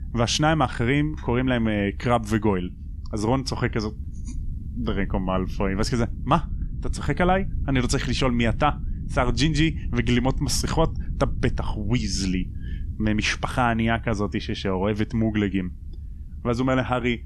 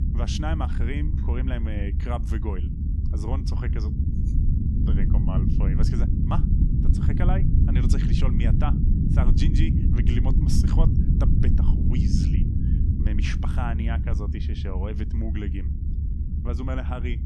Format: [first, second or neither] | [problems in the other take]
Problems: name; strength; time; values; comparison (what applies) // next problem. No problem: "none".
first | low rumble; loud; throughout; 1 dB below the speech; faint in the first